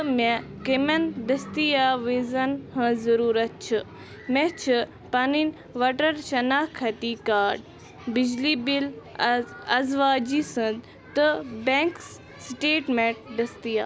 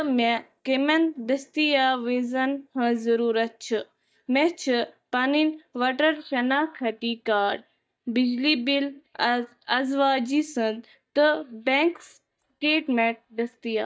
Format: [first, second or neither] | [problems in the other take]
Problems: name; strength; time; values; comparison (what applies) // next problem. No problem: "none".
first | noise reduction (neural mask model DeepFilterNet 3)